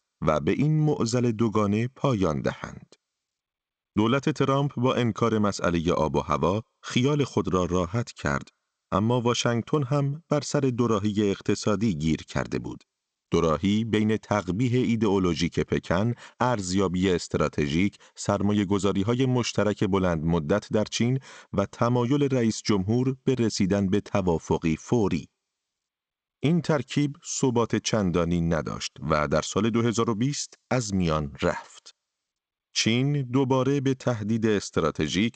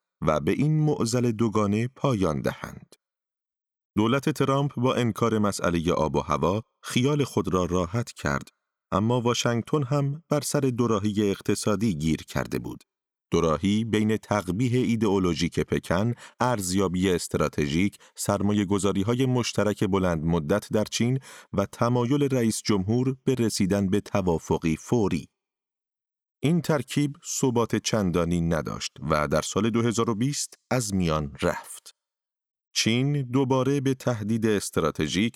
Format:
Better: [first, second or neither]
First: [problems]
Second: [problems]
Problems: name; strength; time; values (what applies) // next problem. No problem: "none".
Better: second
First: garbled, watery; slightly; nothing above 7.5 kHz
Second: none